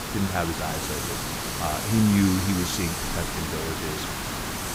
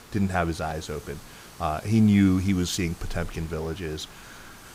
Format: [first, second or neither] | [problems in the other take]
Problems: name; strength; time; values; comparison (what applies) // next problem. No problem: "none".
second | hiss; loud; throughout; 2 dB below the speech; faint in the second